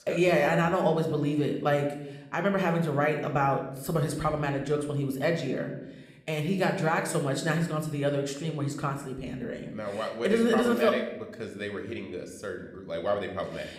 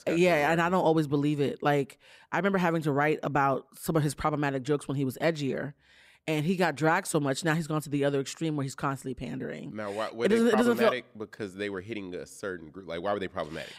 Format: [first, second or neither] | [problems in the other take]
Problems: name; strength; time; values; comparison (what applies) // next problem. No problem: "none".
second | room echo; slight; dies away in 0.8 s